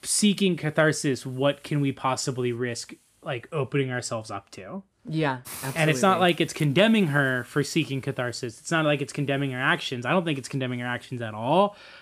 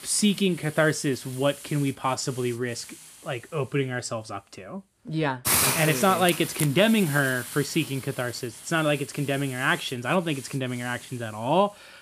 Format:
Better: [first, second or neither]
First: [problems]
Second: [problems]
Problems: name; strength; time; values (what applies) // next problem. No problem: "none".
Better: first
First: hiss; faint; throughout; 20 dB below the speech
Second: hiss; loud; throughout; 6 dB below the speech